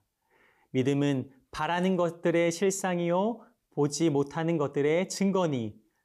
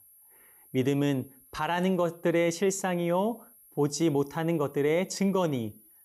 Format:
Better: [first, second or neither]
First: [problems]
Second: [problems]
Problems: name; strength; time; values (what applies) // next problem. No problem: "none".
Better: first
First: none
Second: high-pitched whine; faint; throughout; 11.5 kHz, 25 dB below the speech